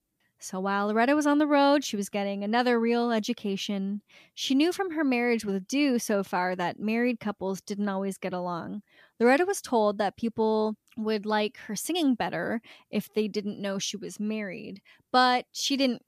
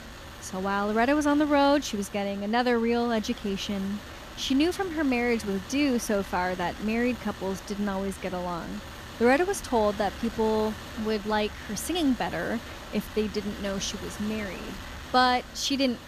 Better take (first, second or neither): first